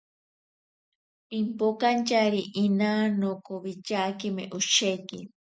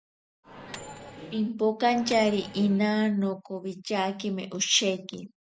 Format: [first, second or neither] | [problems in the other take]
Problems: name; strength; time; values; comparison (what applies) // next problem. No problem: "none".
first | background sound (Microwave oven); 15 dB below the speech